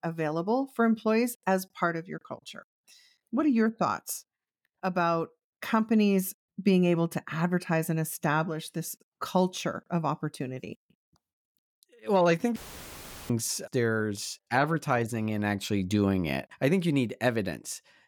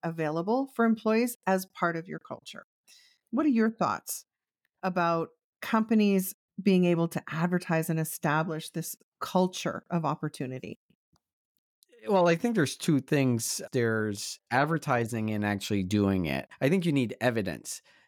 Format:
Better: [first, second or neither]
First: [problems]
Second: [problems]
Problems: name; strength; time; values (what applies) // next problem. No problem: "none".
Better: second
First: audio cutting out; filled with static; at 13 s for 0.5 s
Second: none